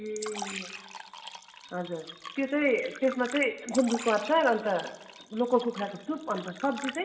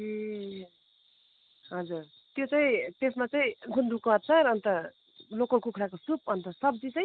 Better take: second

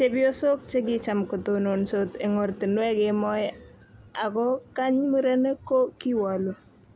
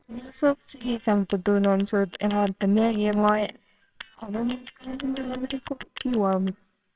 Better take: first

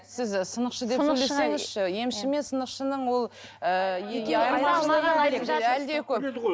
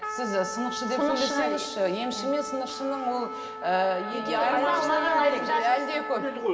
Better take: first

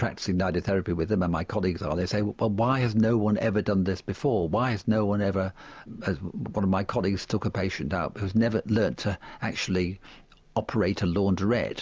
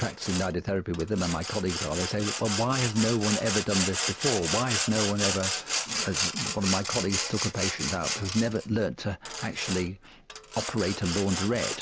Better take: first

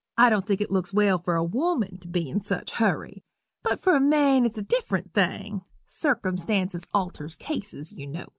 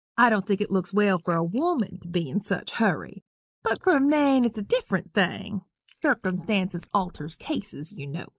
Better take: first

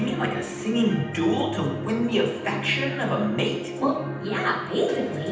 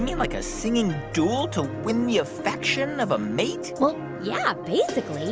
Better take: second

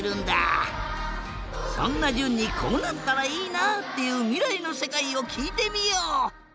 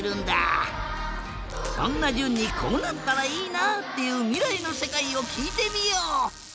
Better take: first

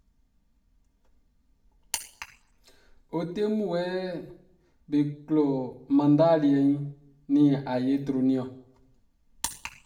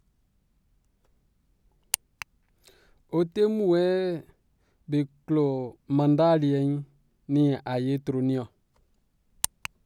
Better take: second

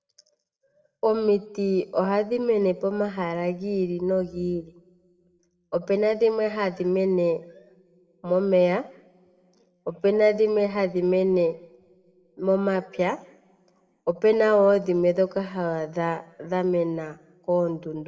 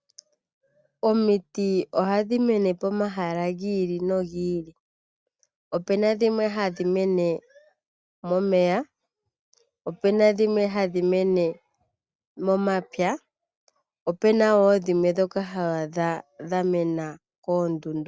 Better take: second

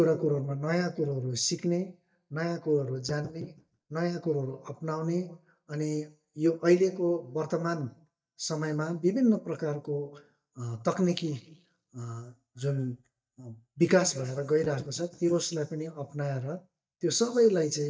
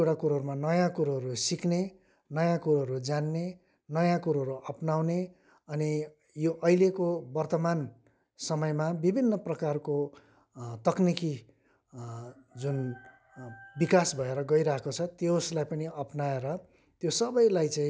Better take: second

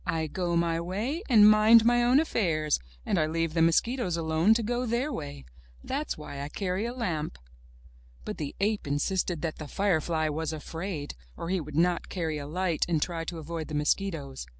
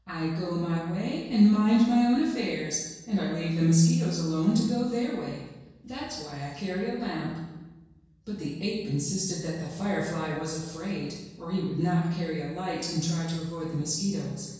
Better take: first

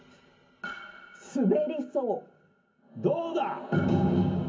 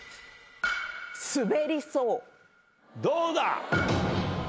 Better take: second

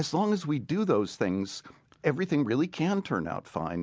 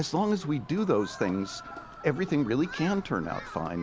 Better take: first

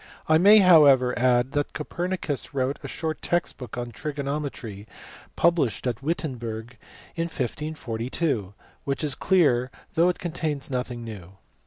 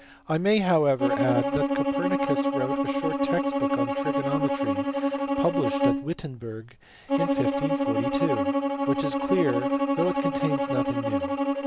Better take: first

